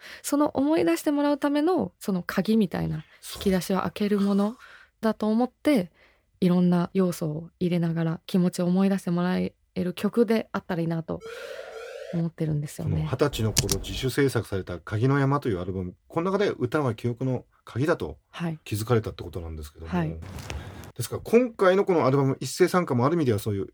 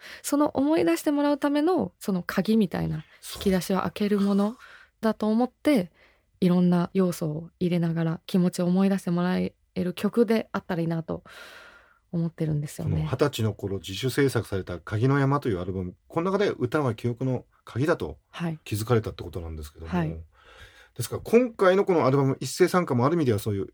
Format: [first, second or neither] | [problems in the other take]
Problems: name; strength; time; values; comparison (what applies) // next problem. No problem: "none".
second | siren; faint; from 11 to 12 s; peak 15 dB below the speech // keyboard typing; loud; at 13 s; peak level with the speech // footsteps; faint; at 20 s; peak 10 dB below the speech